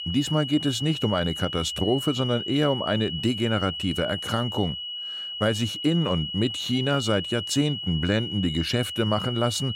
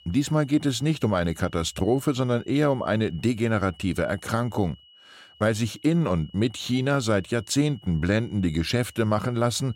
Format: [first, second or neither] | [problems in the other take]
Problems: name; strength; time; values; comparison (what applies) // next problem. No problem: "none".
second | high-pitched whine; loud; throughout; 3 kHz, 5 dB below the speech; faint in the second